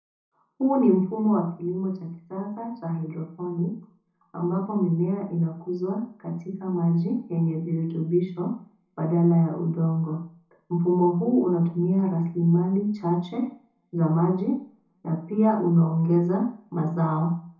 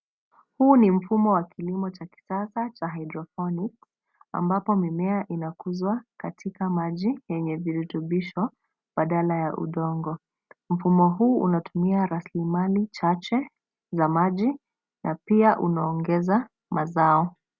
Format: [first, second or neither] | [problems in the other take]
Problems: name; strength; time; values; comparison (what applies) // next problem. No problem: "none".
second | room echo; dies away in 0.5 s